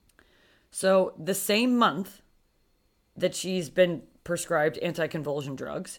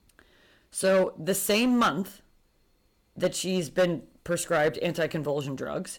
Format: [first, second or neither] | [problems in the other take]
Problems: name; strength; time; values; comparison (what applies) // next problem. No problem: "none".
first | distortion; slight; 4% of the sound clipped